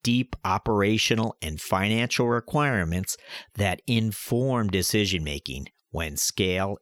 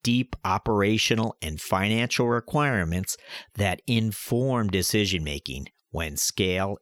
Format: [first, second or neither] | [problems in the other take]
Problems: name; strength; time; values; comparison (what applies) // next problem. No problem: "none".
neither | none